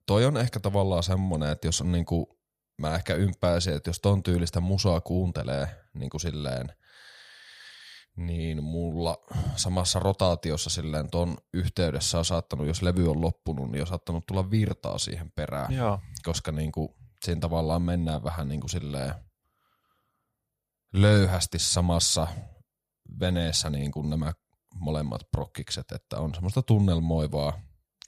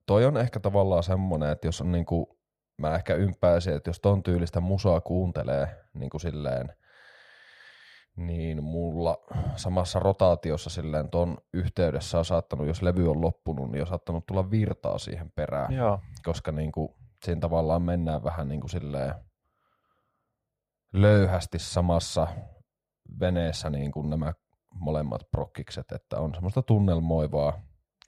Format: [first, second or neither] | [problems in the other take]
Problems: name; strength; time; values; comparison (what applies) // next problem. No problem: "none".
first | muffled; slightly; fading above 3.5 kHz